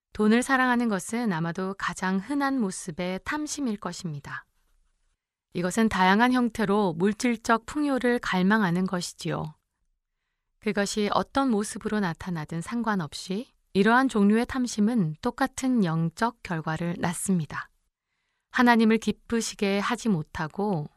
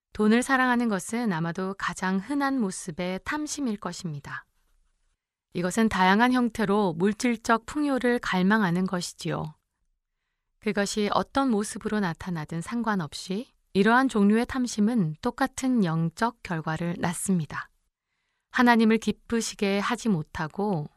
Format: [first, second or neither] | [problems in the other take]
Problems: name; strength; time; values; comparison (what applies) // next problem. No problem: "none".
neither | none